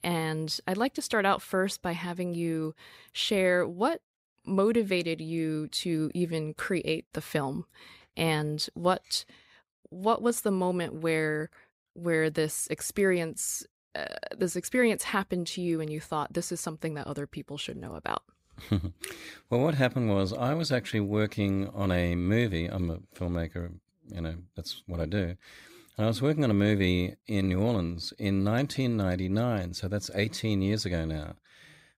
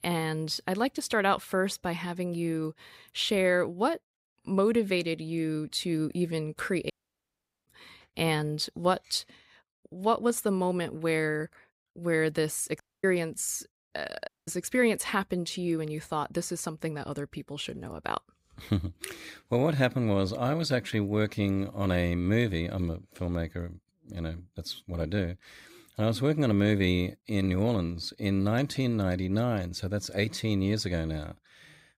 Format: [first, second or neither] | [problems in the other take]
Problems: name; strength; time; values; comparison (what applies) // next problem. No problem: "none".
first | audio cutting out; at 7 s for 1 s, at 13 s and at 14 s